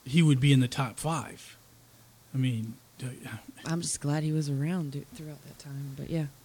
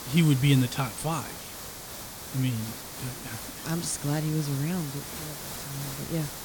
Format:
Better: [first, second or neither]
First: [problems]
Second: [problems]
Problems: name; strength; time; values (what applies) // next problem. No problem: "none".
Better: first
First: hiss; faint; throughout; 25 dB below the speech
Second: hiss; loud; throughout; 8 dB below the speech